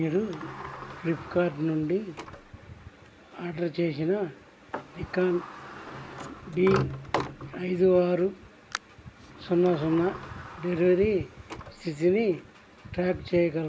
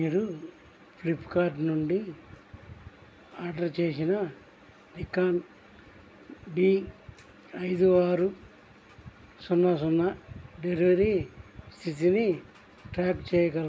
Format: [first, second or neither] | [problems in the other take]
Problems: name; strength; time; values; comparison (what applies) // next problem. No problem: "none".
second | background sound (Sliding door); 12 dB below the speech